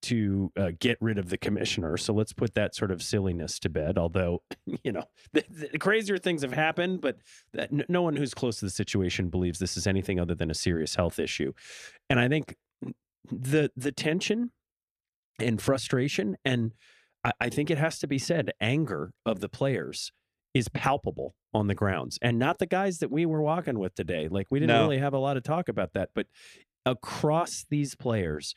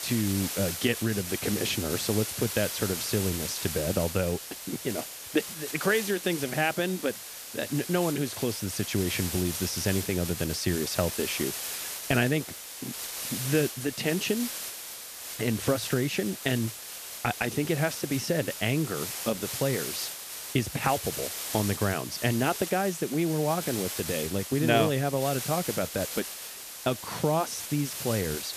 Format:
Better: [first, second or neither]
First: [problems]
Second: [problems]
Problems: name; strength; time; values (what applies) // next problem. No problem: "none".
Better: first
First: none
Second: hiss; loud; throughout; 5 dB below the speech